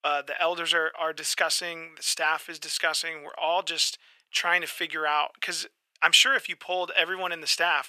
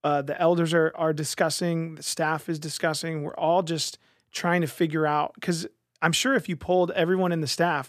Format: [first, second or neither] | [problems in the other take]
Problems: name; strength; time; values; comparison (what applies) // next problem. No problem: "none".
second | thin; very; fading below 850 Hz